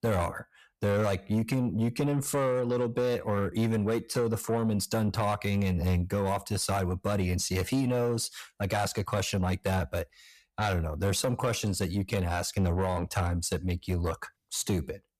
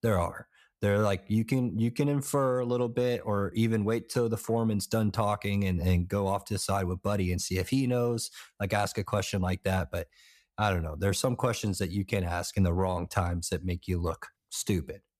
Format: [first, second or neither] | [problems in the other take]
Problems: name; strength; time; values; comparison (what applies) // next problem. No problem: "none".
second | distortion; slight; 10 dB below the speech